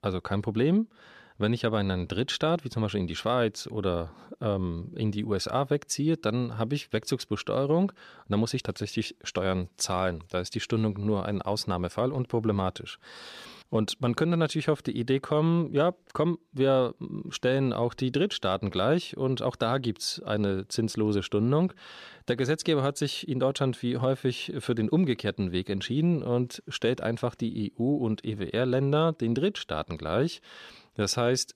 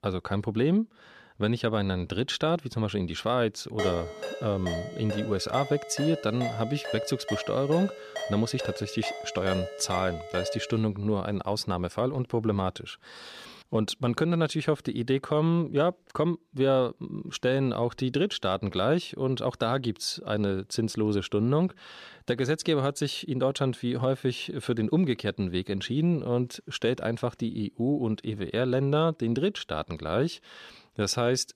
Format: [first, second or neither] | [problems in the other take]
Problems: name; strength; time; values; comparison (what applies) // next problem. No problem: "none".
first | phone ringing; noticeable; from 4 to 11 s; peak 4 dB below the speech